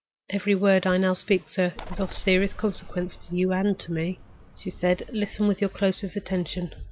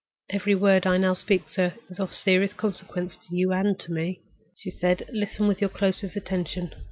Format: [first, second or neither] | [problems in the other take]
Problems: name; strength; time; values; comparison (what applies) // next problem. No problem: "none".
second | background sound (Bird); 13 dB below the speech